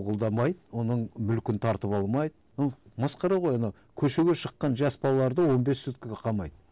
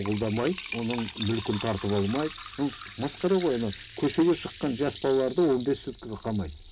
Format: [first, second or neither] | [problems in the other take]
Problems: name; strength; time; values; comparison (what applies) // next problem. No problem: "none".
first | background sound (Liquid); 14 dB below the speech // room echo; dies away in 0.3 s